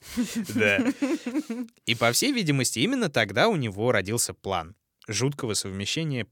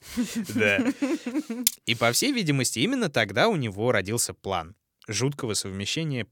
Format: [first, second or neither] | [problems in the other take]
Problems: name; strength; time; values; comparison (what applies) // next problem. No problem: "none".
first | clattering dishes; very faint; at 1.5 s; peak level with the speech